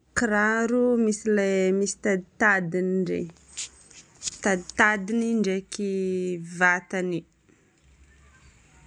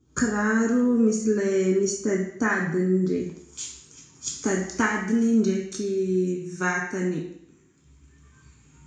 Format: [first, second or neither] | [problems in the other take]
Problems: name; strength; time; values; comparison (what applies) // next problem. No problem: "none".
first | room echo; dies away in 0.6 s